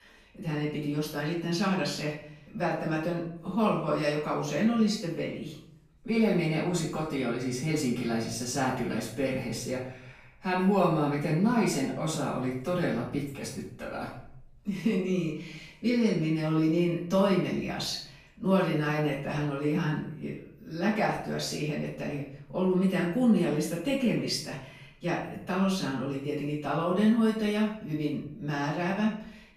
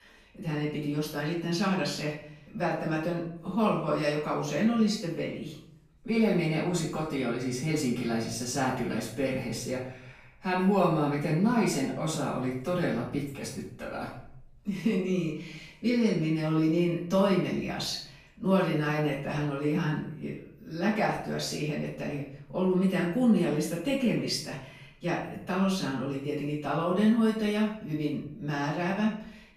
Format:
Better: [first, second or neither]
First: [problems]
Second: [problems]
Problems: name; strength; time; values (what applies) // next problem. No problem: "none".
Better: neither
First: room echo; noticeable; dies away in 0.5 s // off-mic speech; far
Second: room echo; noticeable; dies away in 0.5 s // off-mic speech; far